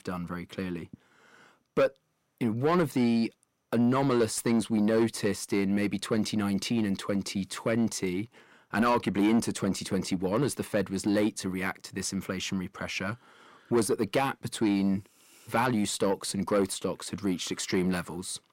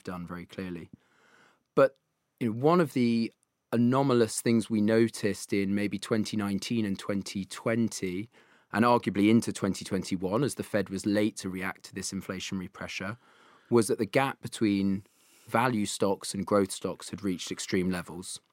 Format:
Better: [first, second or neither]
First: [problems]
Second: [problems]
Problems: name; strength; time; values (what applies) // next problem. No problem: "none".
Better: second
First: distortion; slight; 10 dB below the speech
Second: none